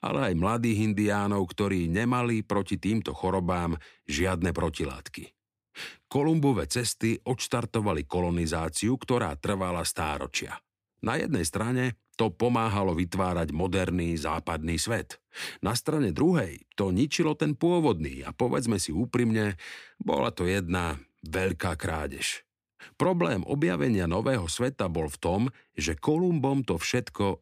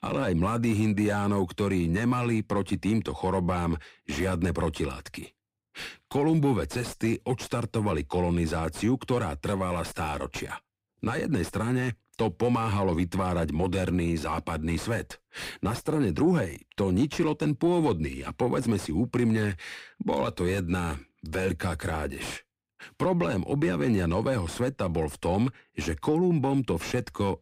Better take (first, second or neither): first